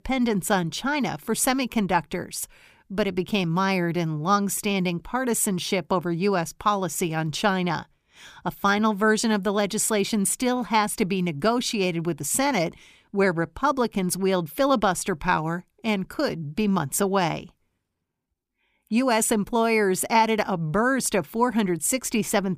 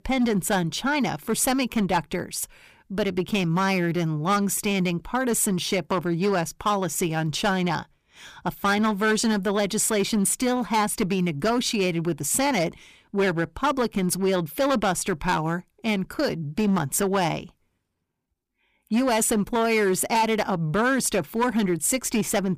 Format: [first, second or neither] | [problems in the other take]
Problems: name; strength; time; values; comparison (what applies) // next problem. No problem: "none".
first | distortion; slight; 7% of the sound clipped